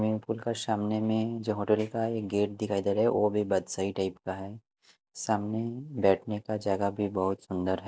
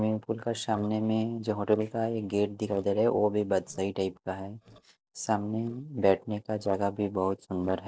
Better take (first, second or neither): first